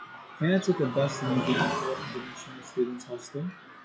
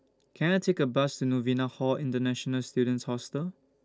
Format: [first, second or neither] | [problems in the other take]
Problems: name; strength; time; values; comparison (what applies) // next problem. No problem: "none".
second | noise reduction (classical method log-MMSE)